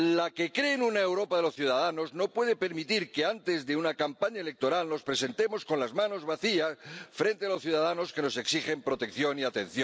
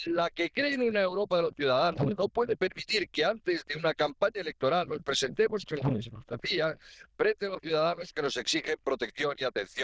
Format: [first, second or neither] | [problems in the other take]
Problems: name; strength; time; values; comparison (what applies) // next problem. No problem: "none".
first | noise reduction (neural diffusion model UNIVERSE++)